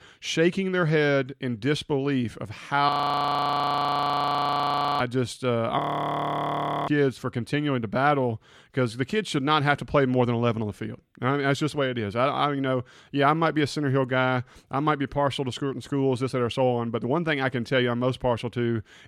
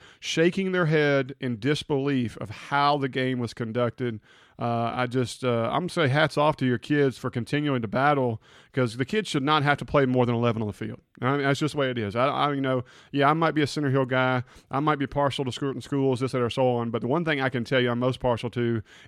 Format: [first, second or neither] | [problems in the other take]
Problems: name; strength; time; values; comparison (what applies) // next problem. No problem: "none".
second | audio freezing; at 3 s for 2 s and at 6 s for 1 s